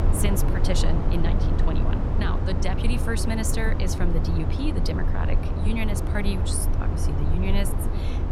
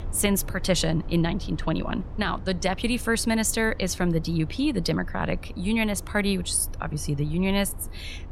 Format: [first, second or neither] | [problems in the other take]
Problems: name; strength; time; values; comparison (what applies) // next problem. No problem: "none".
second | low rumble; loud; throughout; 2 dB below the speech; faint in the second